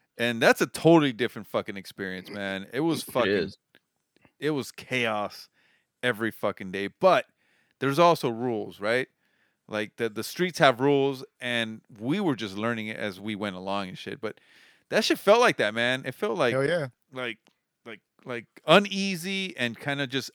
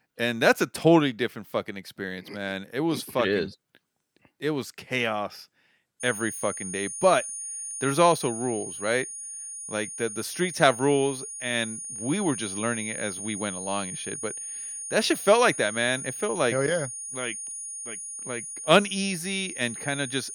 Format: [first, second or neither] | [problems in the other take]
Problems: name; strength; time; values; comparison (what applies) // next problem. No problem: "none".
first | high-pitched whine; loud; from 6 s on; 9.5 kHz, 7 dB below the speech